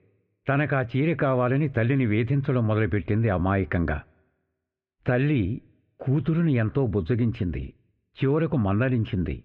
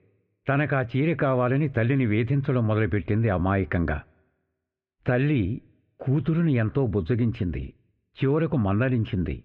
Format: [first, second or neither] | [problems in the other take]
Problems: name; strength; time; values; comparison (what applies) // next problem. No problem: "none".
neither | muffled; very; fading above 2.5 kHz; the same in both